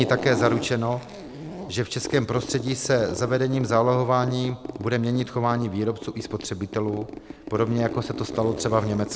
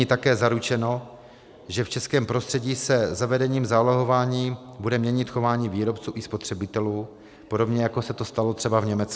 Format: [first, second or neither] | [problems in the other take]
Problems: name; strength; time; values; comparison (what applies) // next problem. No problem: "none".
second | background sound (Zipper (clothing)); 10 dB below the speech